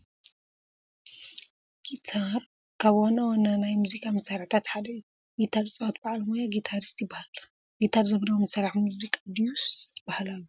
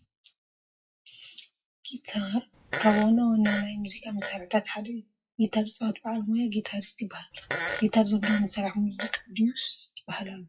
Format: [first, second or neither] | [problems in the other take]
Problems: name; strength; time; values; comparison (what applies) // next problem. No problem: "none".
first | noise reduction (classical method WPE with log-MMSE)